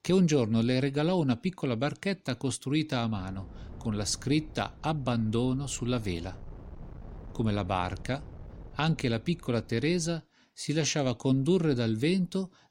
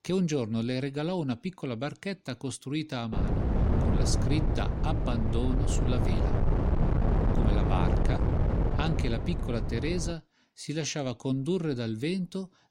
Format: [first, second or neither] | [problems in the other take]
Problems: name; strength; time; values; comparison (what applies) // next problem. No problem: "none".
first | wind noise on the microphone; heavy; from 3 to 10 s; 1 dB below the speech; occasional gusts in the first